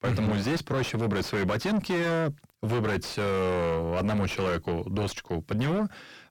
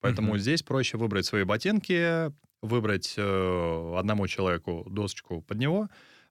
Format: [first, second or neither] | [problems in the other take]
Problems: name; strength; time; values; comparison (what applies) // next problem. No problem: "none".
second | distortion; heavy; 6 dB below the speech